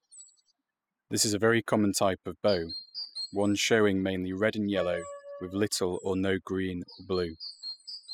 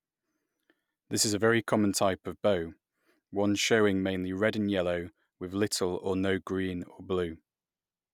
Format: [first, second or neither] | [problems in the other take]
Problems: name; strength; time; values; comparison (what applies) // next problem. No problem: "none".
second | noise reduction (classical method spectral subtraction)